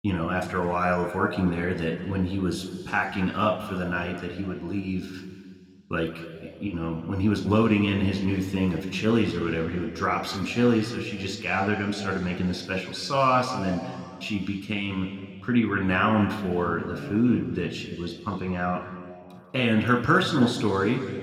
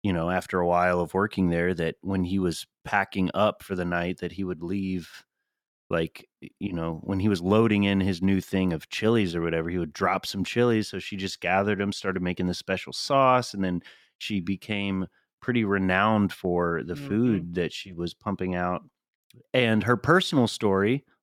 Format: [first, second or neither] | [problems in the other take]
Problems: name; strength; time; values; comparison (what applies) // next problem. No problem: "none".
second | room echo; slight; dies away in 2.1 s